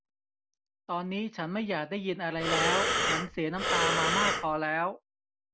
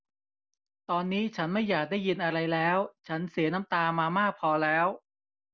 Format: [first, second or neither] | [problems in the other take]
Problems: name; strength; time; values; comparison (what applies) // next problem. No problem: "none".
second | background sound (Breathing); 4 dB above the speech